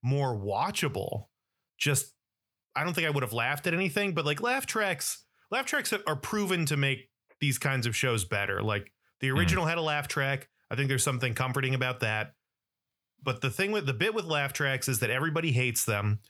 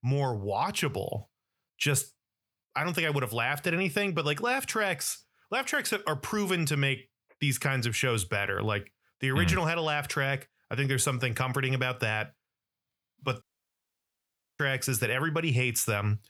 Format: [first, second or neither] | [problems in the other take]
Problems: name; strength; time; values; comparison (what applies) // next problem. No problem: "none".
first | audio cutting out; at 13 s for 1 s